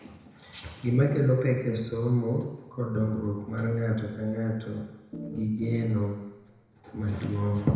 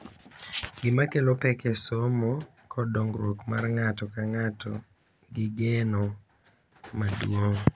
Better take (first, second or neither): second